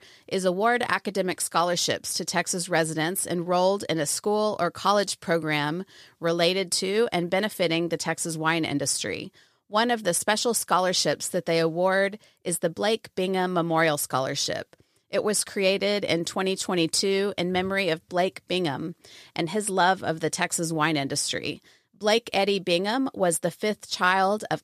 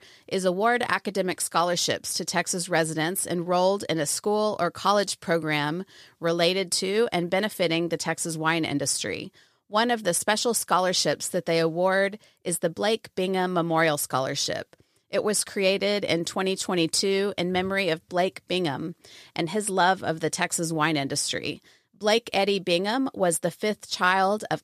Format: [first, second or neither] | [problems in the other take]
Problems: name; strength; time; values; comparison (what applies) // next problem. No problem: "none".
neither | none